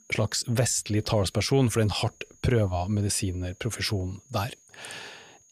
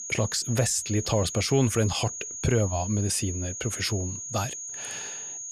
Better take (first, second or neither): first